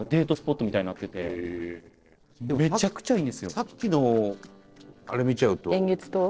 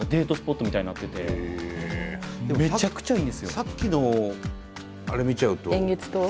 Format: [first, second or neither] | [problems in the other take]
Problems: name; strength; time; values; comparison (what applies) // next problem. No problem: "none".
second | noise reduction (neural separator model SepFormer DNS4)